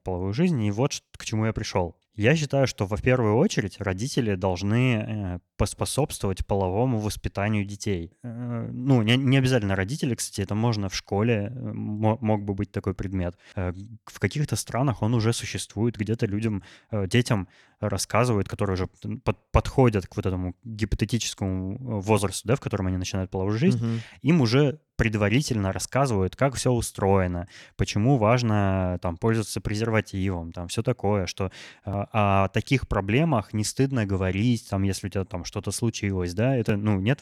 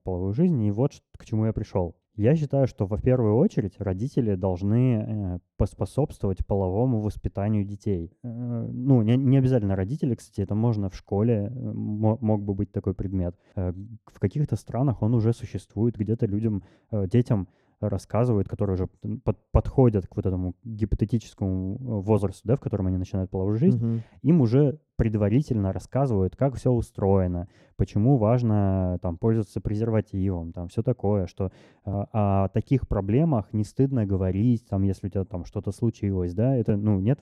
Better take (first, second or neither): first